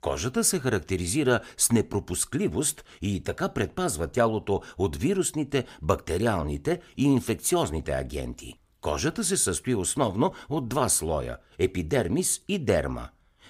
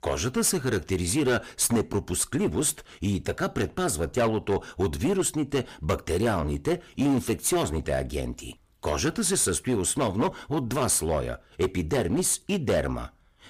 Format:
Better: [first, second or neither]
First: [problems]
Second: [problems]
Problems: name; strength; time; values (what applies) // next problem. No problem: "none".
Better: first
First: none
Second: distortion; slight; 8% of the sound clipped